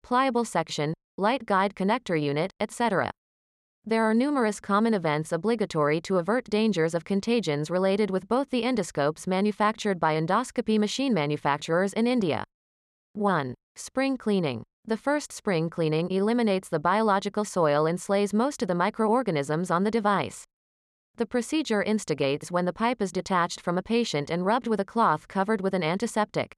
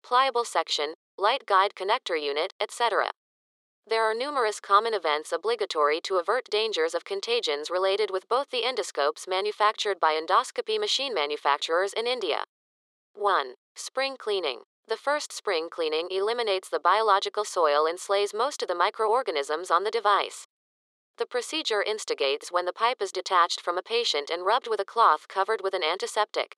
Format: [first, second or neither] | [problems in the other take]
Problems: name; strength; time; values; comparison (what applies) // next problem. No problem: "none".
first | thin; very; fading below 400 Hz